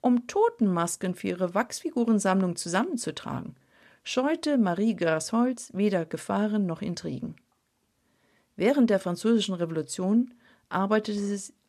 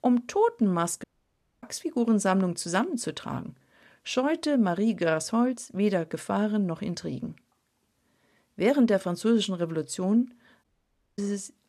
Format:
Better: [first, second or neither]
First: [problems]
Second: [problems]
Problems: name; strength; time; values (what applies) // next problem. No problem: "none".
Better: first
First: none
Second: audio cutting out; at 1 s for 0.5 s and at 11 s for 0.5 s